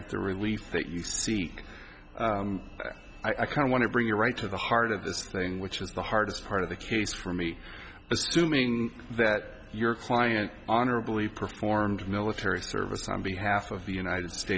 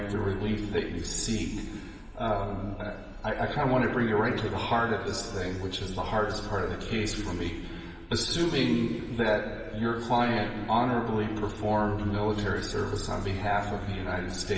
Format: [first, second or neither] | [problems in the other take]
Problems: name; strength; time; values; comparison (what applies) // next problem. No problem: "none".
first | room echo; dies away in 1.9 s